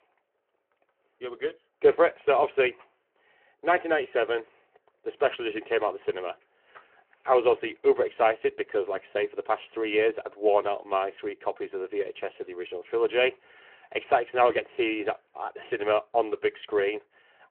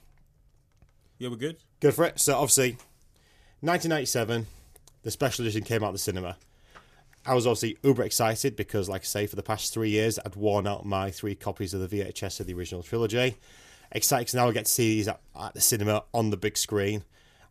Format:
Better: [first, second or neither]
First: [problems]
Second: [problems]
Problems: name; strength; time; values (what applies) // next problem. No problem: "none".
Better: second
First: phone-call audio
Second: none